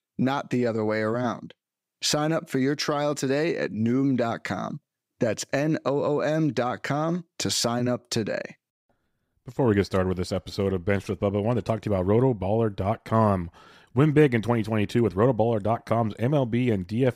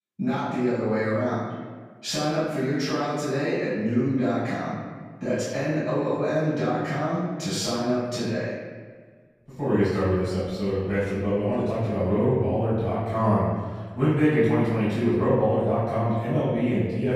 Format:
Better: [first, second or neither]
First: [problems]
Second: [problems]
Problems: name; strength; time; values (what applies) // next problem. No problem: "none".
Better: first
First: none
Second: off-mic speech; far // room echo; strong; dies away in 1.4 s